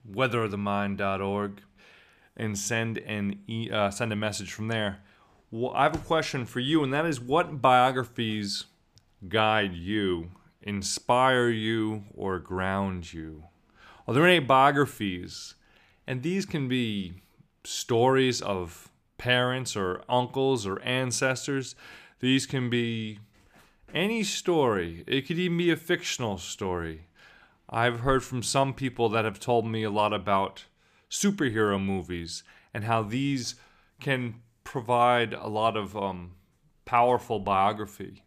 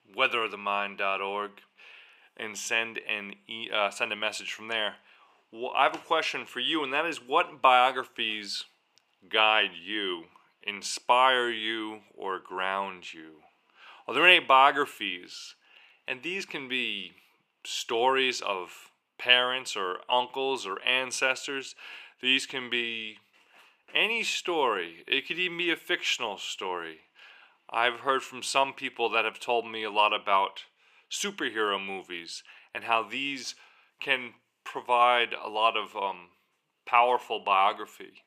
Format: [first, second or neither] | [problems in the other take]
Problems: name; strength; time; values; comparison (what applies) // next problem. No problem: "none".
first | thin; somewhat; fading below 450 Hz